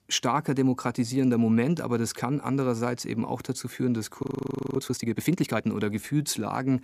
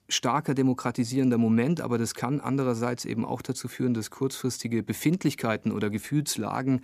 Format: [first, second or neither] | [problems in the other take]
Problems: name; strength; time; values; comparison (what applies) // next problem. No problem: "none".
second | audio freezing; at 4 s for 0.5 s